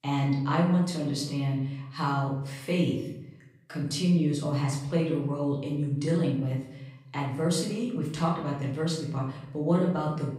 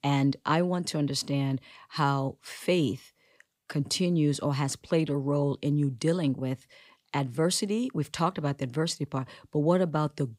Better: second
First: off-mic speech; far // room echo; noticeable; dies away in 0.7 s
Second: none

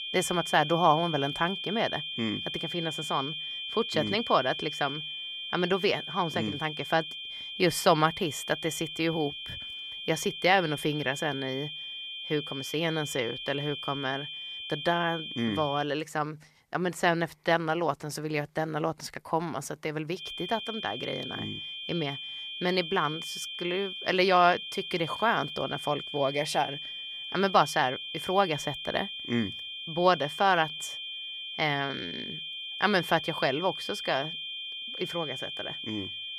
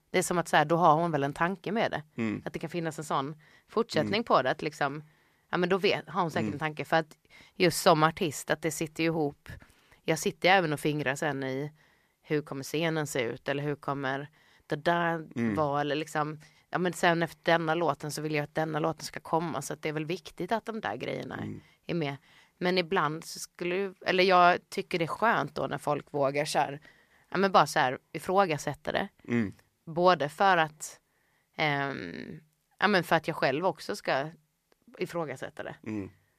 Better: second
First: high-pitched whine; loud; until 16 s and from 20 s on; 3 kHz, 6 dB below the speech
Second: none

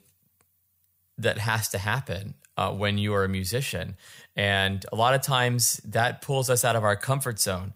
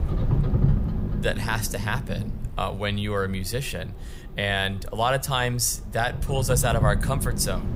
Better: first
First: none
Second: low rumble; noticeable; throughout; 10 dB below the speech

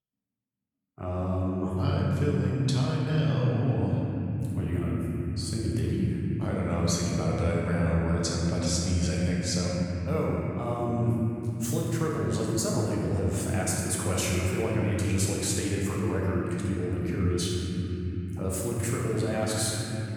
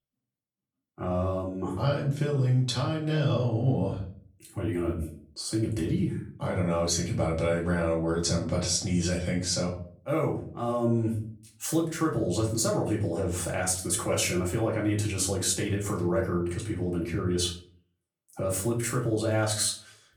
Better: second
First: room echo; strong; dies away in 3 s // off-mic speech; far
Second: room echo; slight; dies away in 0.4 s // off-mic speech; far

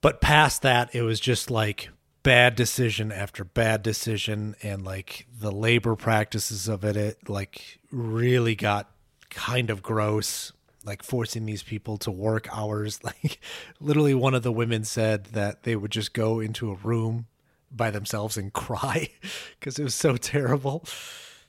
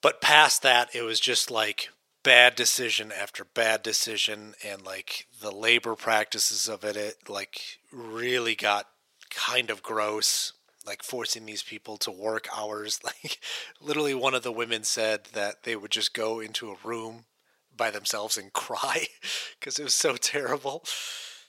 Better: first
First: none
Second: thin; very; fading below 500 Hz

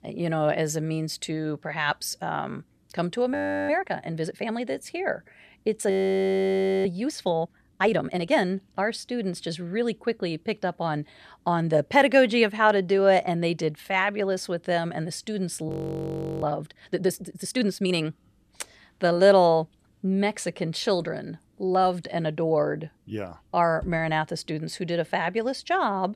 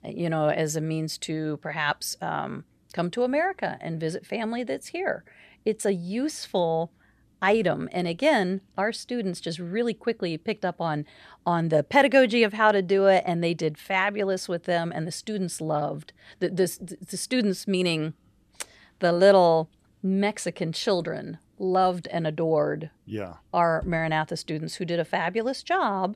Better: second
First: audio freezing; at 3.5 s, at 6 s for 1 s and at 16 s for 0.5 s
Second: none

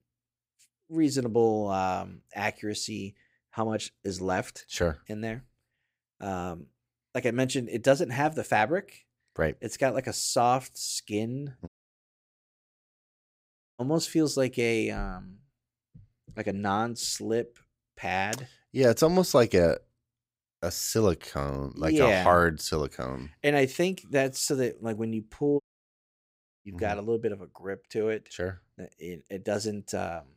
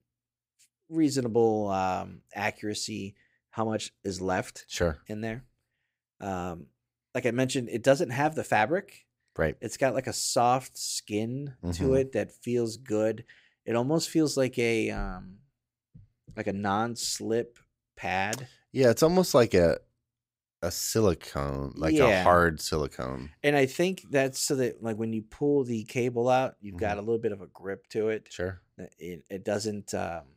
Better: second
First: audio cutting out; at 12 s for 2 s and at 26 s for 1 s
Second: none

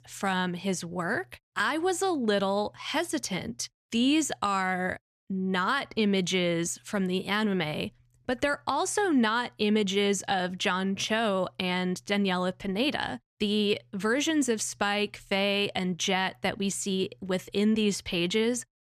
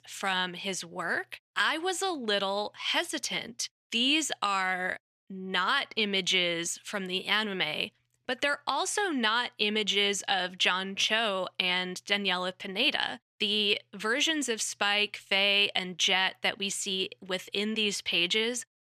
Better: first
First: none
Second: thin; very slightly; fading below 900 Hz

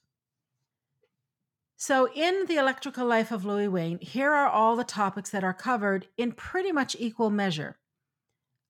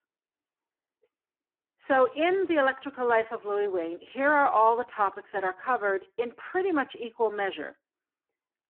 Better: first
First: none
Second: phone-call audio; poor line

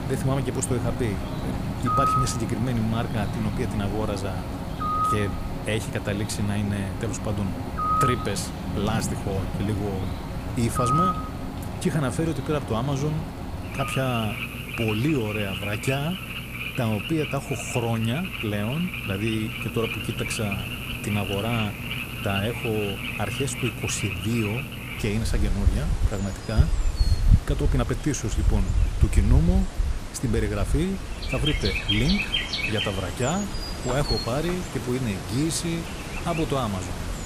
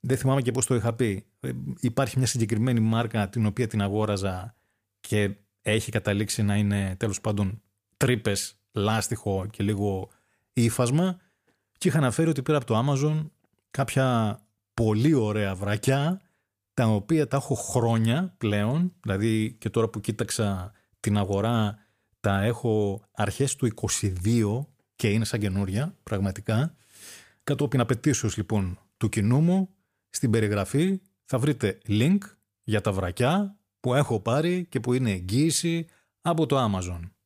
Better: second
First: animal sounds; loud; throughout; 1 dB below the speech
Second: none

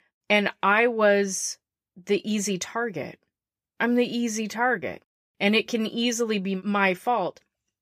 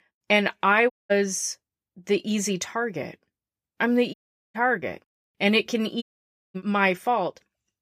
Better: first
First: none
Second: audio cutting out; at 1 s, at 4 s and at 6 s for 0.5 s

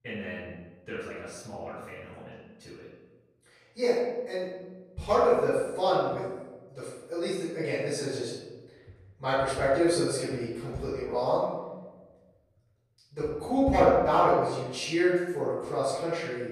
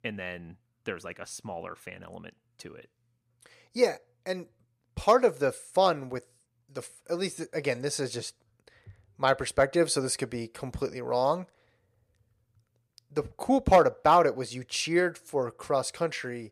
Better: second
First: off-mic speech; far // room echo; strong; dies away in 1.1 s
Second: none

